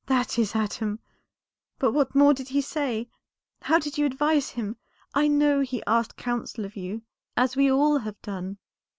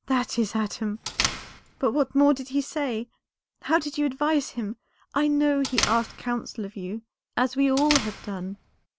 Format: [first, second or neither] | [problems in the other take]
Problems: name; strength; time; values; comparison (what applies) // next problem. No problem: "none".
first | background sound (Door); 7 dB below the speech